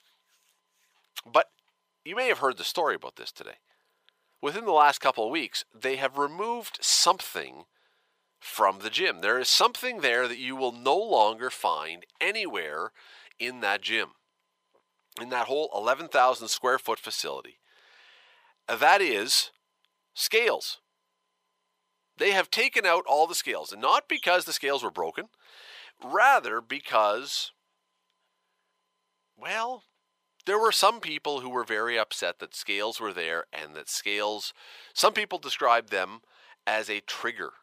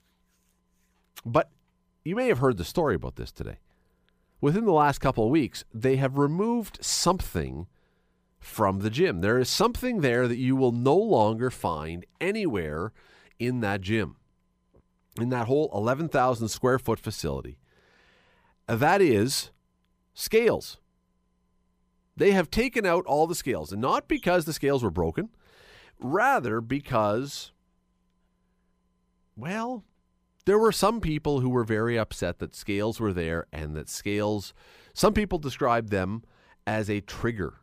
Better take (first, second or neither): second